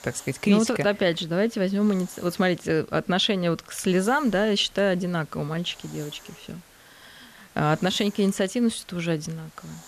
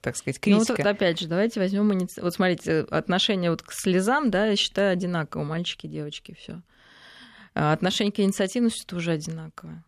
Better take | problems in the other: second | hiss; faint; throughout; 25 dB below the speech

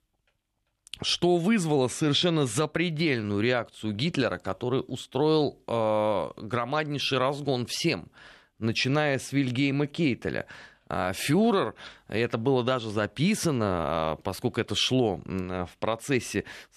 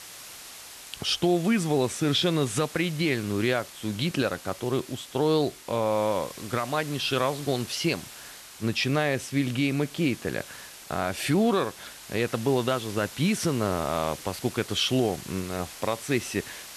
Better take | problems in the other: first | hiss; noticeable; throughout; 15 dB below the speech

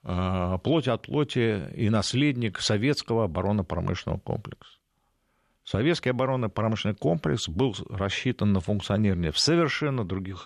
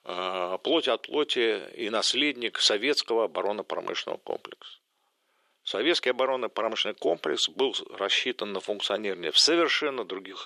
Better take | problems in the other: first | thin; very; fading below 350 Hz

